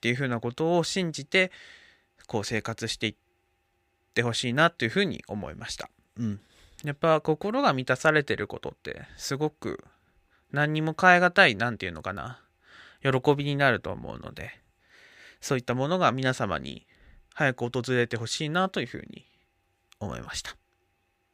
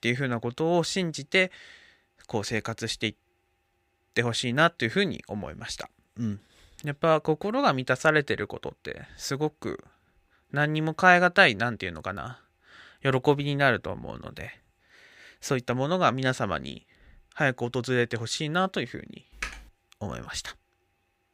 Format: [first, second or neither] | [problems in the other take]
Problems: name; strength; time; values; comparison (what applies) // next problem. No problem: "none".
first | keyboard typing; faint; at 19 s; peak 10 dB below the speech